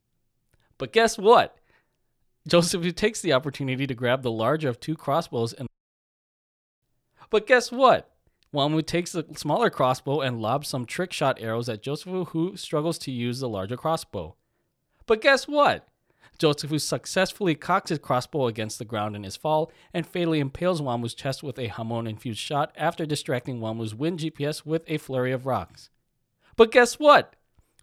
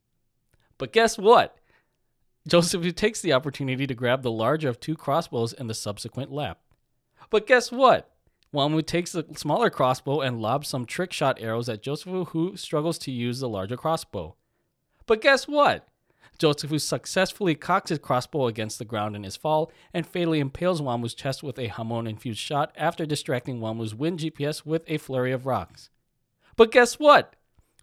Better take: second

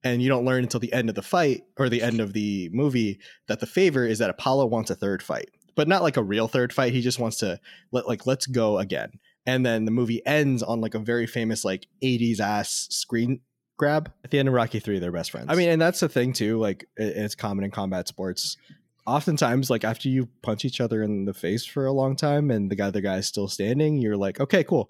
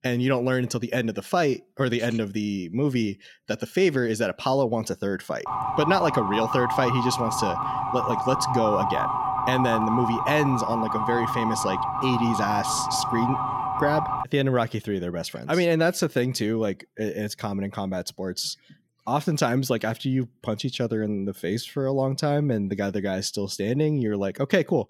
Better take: first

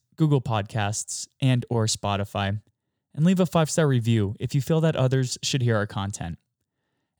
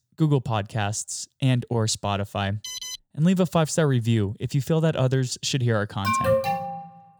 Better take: first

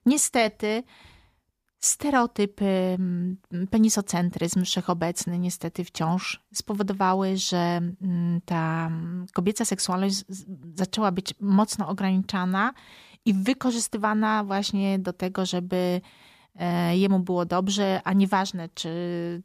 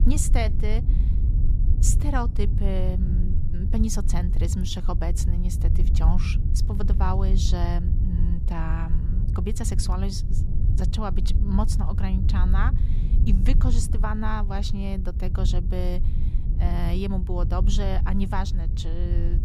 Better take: first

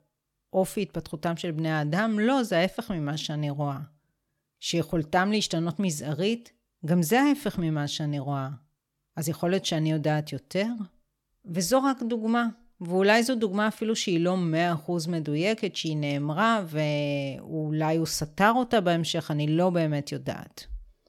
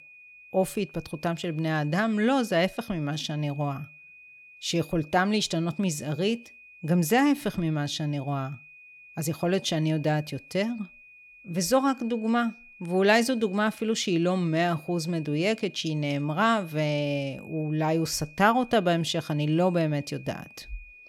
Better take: first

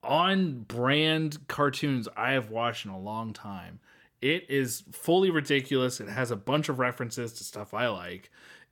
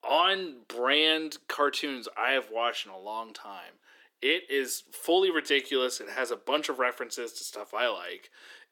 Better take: first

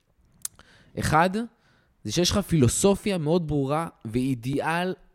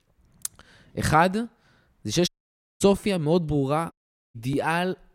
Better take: first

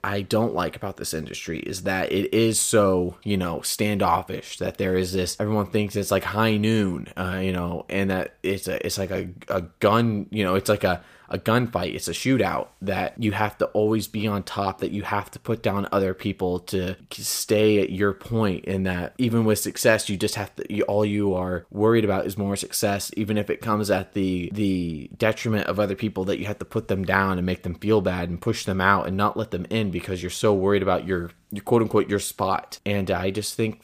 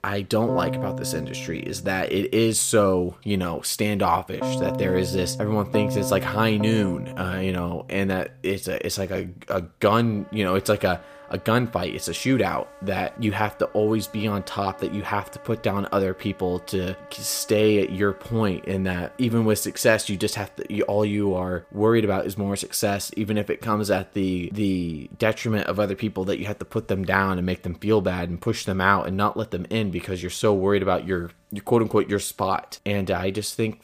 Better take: first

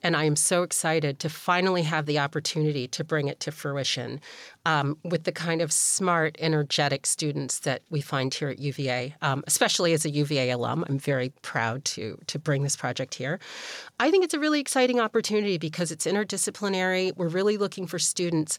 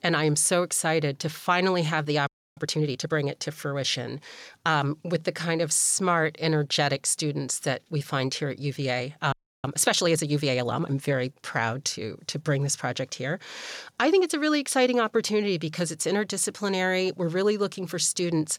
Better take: first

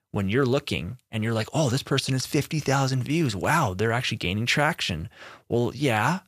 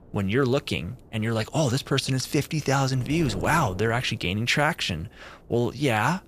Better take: first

